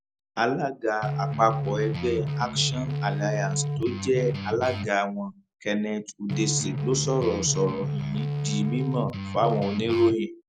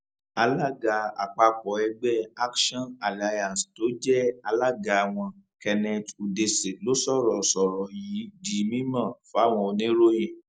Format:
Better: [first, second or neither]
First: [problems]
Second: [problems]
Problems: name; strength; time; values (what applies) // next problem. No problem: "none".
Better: second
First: background sound (Guitar); 2 dB below the speech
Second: none